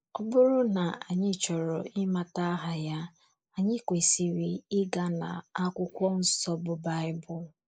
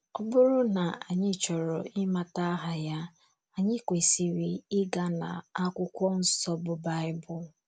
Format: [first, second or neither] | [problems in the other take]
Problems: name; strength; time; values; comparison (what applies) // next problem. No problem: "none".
second | noise reduction (neural mask model Resemble Enhance denoiser)